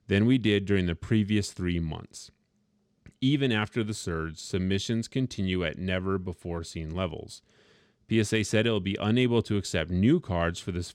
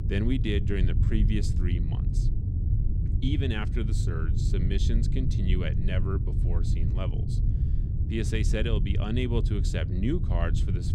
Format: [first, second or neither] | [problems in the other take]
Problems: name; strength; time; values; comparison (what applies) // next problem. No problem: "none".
first | low rumble; loud; throughout; 6 dB below the speech